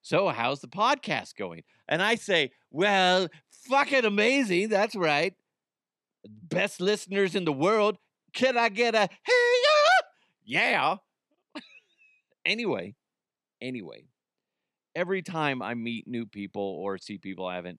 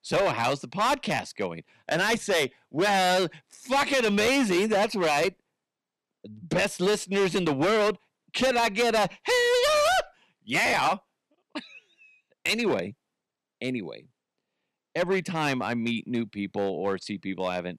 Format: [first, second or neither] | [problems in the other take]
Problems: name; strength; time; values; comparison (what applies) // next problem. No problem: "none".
first | distortion; heavy; 12% of the sound clipped